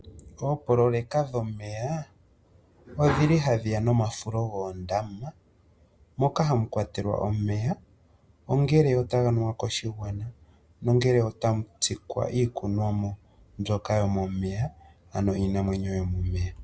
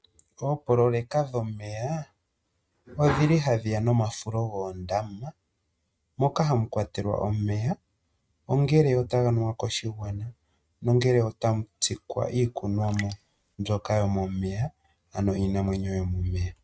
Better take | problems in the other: first | noise reduction (neural mask model RNNoise)

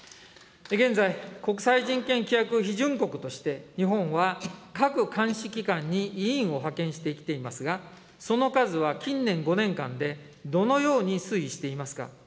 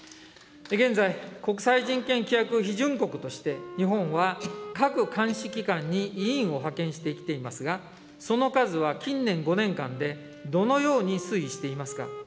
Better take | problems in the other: first | background sound (Wind instrument, woodwind instrument); 17 dB below the speech

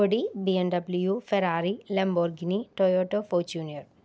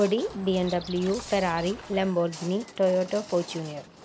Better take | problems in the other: first | background sound (Chirp, tweet + Walk, footsteps); 16 dB below the speech

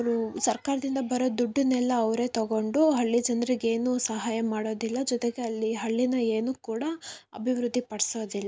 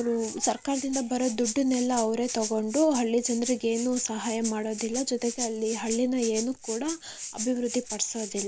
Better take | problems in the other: first | background sound (Rattle (instrument)); 10 dB below the speech

